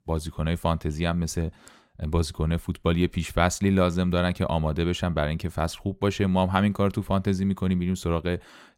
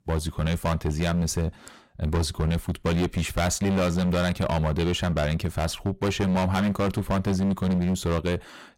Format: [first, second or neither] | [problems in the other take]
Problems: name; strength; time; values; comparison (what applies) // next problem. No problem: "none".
first | distortion; heavy; 20% of the sound clipped